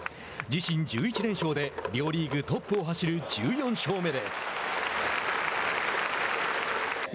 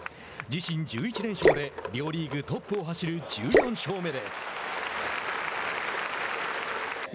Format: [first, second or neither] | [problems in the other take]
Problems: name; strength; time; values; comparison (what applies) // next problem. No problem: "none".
first | background sound (Drip / Splash, splatter); 1 dB above the speech